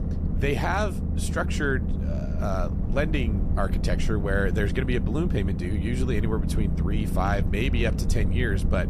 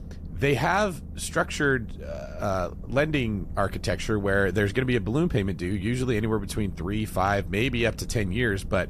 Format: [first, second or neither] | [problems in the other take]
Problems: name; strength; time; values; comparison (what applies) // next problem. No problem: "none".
second | low rumble; loud; throughout; 9 dB below the speech; faint in the second